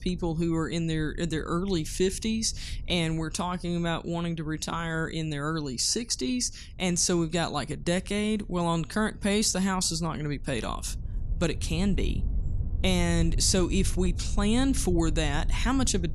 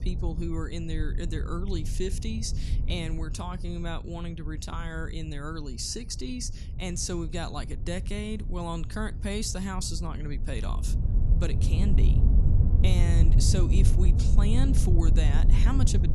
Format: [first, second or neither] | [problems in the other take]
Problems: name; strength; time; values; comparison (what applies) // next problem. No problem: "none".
first | low rumble; loud; throughout; 6 dB below the speech; faint in the first